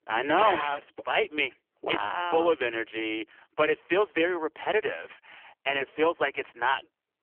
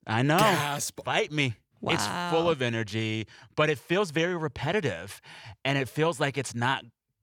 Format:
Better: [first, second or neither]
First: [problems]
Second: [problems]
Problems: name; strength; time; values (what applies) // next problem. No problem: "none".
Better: second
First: phone-call audio; poor line; nothing above 3 kHz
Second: none